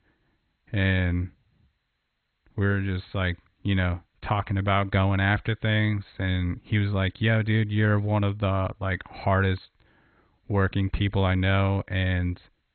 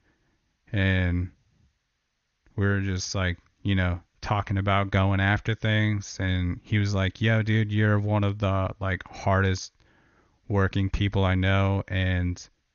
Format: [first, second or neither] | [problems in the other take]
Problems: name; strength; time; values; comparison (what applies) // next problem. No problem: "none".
second | garbled, watery; badly; nothing above 4 kHz; slightly in the second